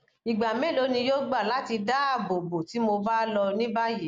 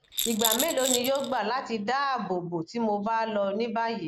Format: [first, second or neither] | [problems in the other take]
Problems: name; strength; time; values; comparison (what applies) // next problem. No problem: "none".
first | background sound (Rattle); 4 dB below the speech